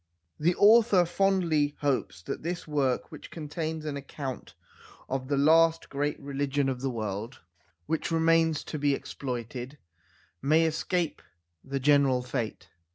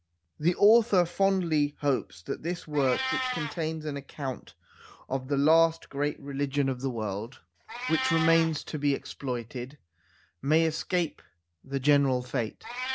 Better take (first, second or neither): first